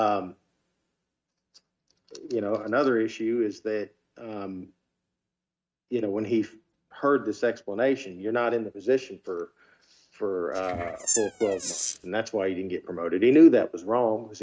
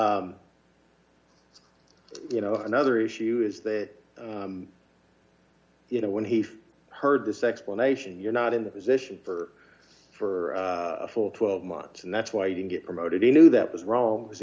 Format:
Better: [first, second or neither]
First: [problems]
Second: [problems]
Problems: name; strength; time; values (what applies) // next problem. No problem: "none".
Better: second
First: noise reduction (neural mask model RNNoise)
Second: none